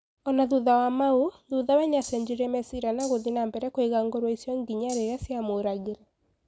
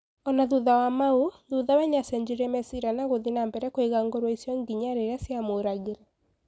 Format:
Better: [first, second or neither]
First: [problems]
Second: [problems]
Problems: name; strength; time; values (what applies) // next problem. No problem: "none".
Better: second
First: background sound (Rattle (instrument)); 17 dB below the speech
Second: none